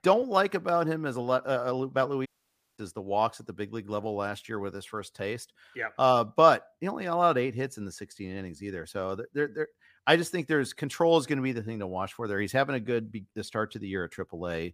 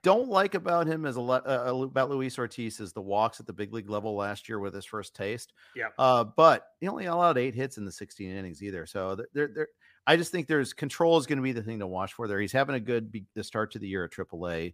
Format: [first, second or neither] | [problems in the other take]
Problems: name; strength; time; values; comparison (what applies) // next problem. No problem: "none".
second | audio cutting out; at 2.5 s for 0.5 s